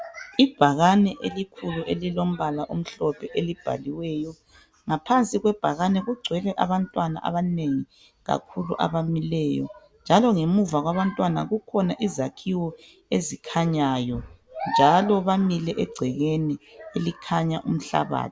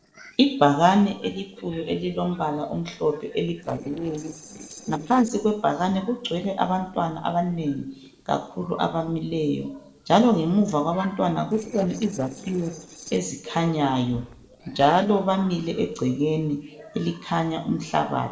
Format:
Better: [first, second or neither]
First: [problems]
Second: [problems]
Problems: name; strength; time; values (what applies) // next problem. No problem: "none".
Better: first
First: none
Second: noise reduction (neural separator model SepFormer DNS4)